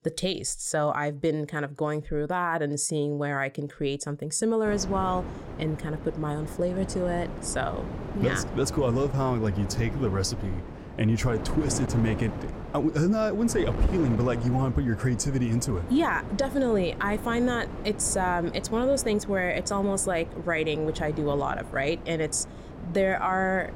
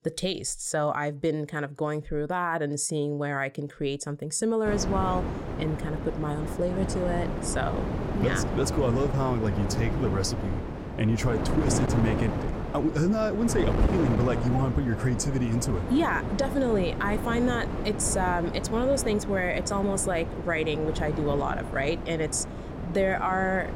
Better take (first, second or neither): first